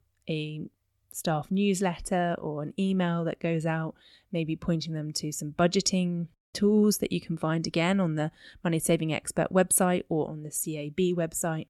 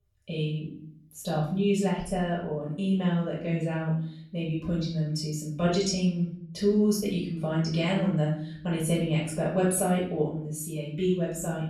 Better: first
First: none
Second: off-mic speech; far // room echo; noticeable; dies away in 0.6 s

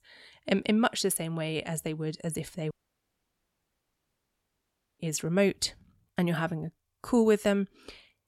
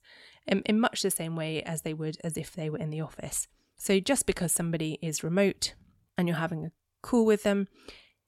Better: second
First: audio cutting out; at 2.5 s for 2.5 s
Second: none

